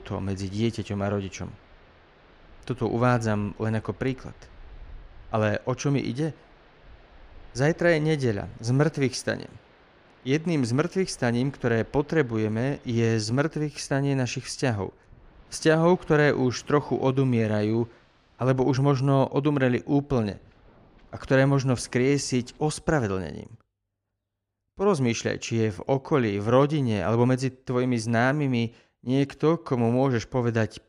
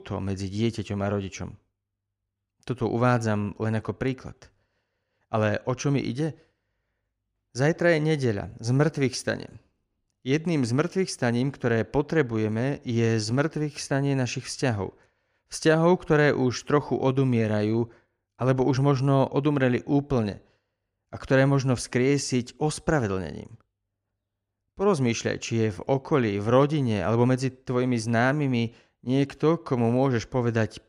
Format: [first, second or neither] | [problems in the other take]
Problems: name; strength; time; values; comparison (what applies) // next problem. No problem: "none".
second | rain or running water; faint; until 23 s; 30 dB below the speech